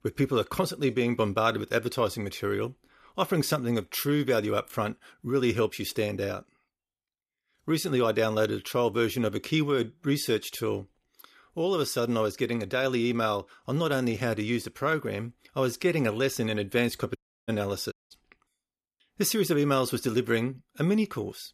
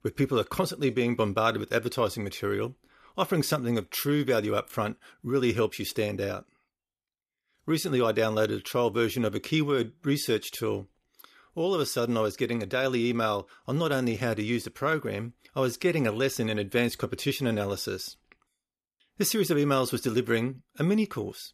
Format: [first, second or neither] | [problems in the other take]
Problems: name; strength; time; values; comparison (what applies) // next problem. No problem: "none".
second | audio cutting out; at 17 s and at 18 s